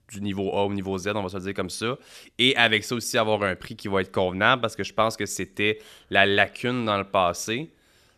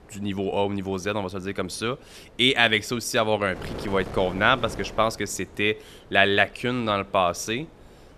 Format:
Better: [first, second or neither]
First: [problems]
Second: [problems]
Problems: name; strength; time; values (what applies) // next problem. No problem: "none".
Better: first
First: none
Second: wind noise on the microphone; occasional gusts; 20 dB below the speech